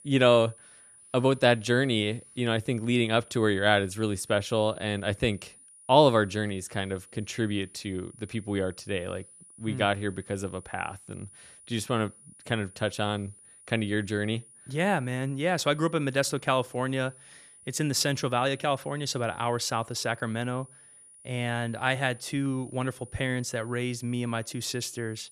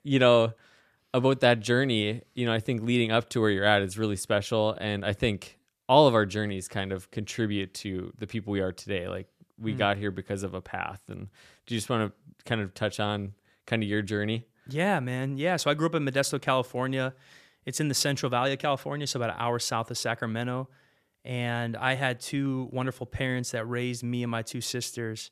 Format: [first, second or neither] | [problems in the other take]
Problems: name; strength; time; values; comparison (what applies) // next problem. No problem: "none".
second | high-pitched whine; faint; throughout; 9.5 kHz, 20 dB below the speech